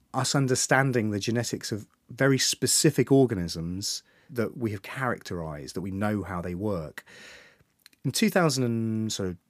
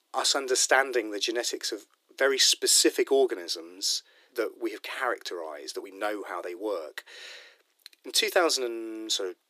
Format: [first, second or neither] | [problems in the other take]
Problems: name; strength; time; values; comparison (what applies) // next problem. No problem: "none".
first | thin; very; fading below 350 Hz